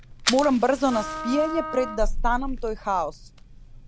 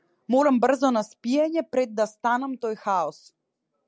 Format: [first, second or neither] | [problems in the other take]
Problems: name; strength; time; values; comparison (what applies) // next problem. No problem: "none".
second | background sound (Wind instrument, woodwind instrument + Fire); 5 dB below the speech